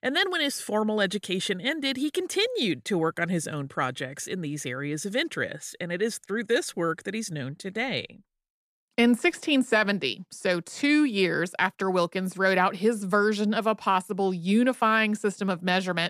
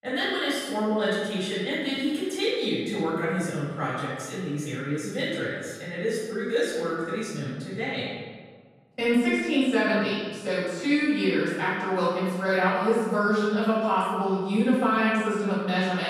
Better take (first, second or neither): first